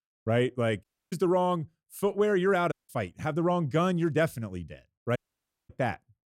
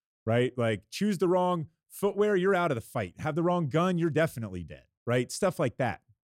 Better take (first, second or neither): second